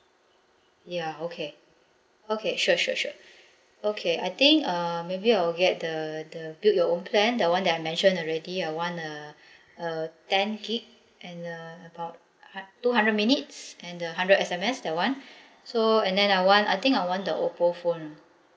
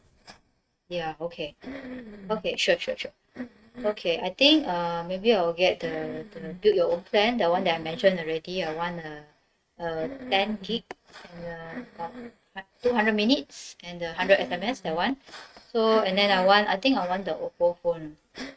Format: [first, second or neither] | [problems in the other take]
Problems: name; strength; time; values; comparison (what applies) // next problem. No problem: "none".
first | noise reduction (neural mask model RNNoise)